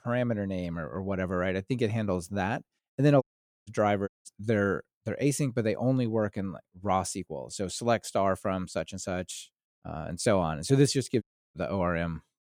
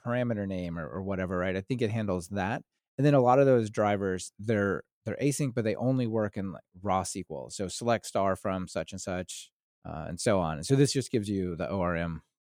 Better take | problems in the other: second | audio cutting out; at 3 s, at 4 s and at 11 s

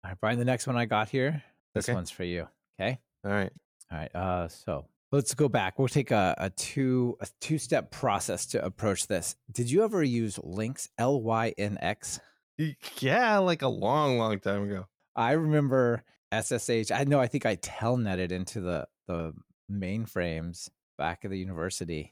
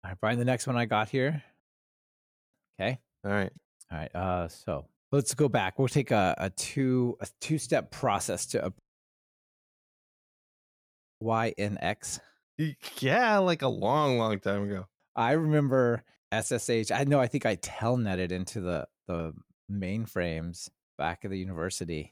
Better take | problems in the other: first | audio cutting out; at 1.5 s for 1 s and at 9 s for 2.5 s

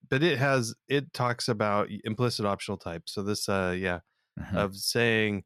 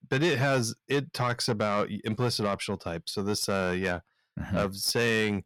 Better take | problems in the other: first | distortion; slight; 10 dB below the speech

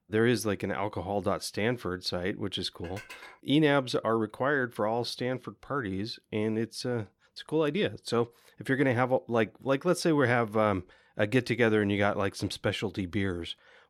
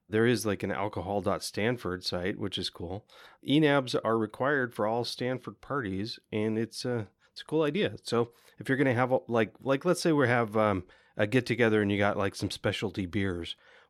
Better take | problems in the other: second | clattering dishes; faint; at 3 s; peak 15 dB below the speech

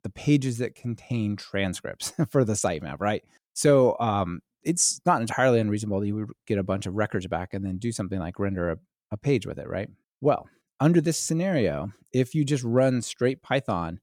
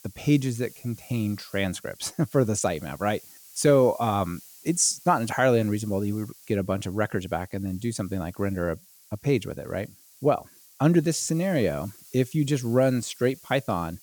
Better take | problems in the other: first | hiss; faint; throughout; 20 dB below the speech

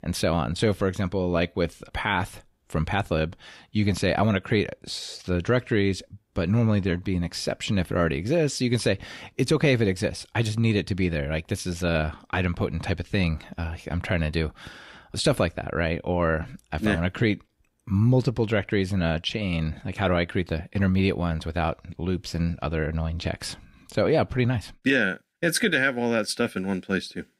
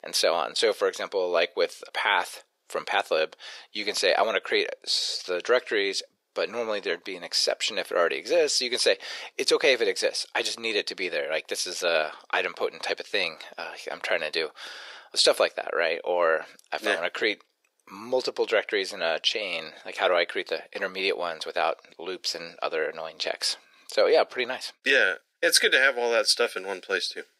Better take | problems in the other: first | thin; very; fading below 450 Hz

